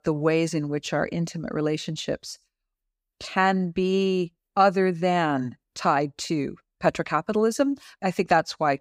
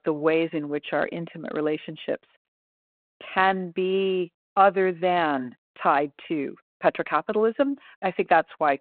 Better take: first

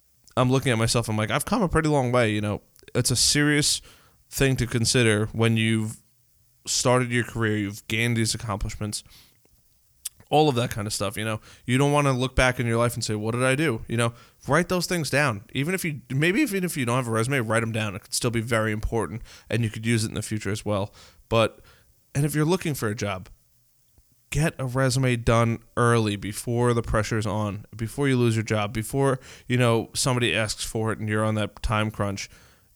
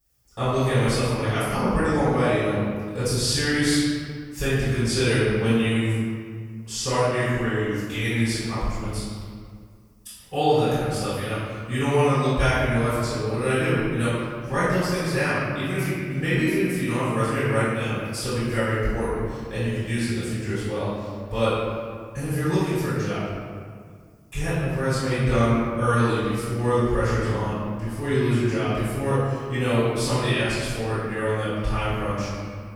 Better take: first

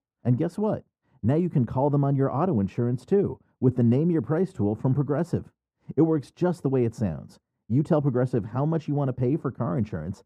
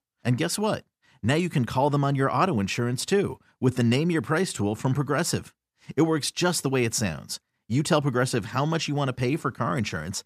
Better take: second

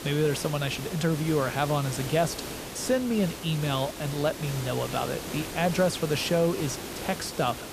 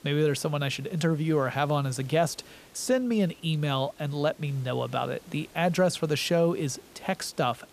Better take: second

